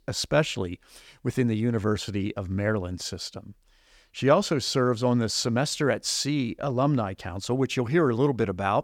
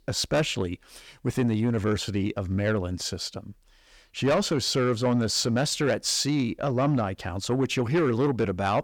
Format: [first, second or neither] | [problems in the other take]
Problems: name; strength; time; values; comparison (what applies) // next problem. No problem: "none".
first | distortion; slight; 10 dB below the speech